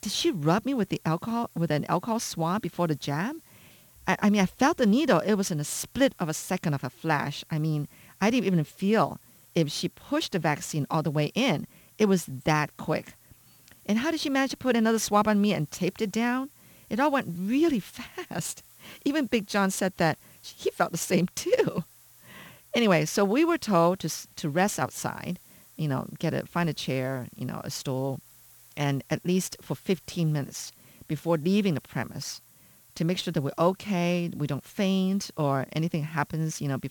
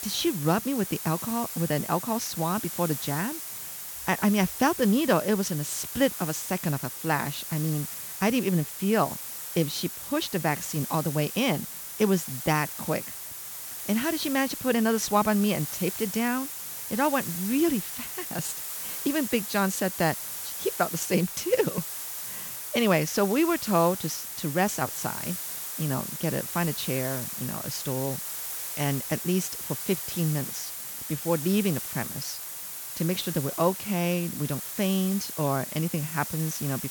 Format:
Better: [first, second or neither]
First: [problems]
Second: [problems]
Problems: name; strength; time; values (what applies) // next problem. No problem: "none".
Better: first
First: hiss; faint; throughout; 25 dB below the speech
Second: hiss; loud; throughout; 6 dB below the speech